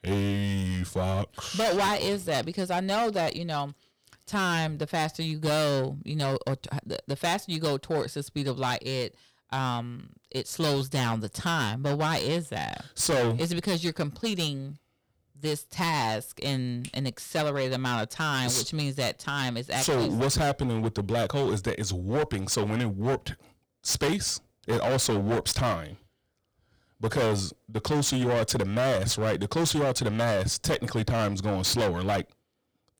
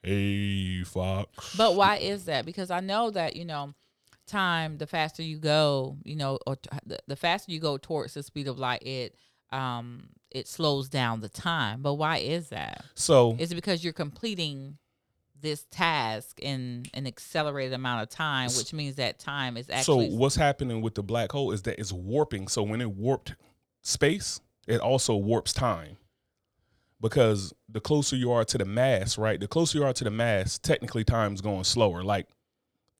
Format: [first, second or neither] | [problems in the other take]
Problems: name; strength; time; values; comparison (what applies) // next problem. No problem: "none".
second | distortion; heavy; 15% of the sound clipped